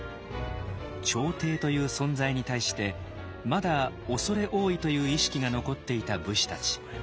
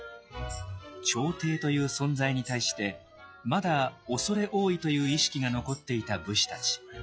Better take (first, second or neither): first